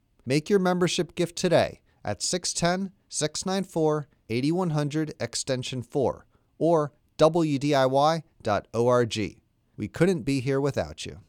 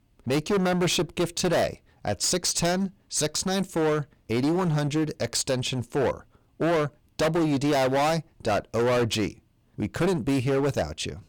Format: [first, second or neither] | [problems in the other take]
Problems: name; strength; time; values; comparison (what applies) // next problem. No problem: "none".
first | distortion; heavy; 18% of the sound clipped